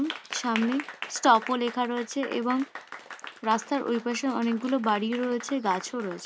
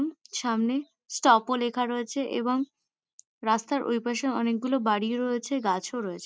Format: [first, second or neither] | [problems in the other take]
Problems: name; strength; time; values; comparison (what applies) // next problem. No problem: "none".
second | background sound (Applause); 13 dB below the speech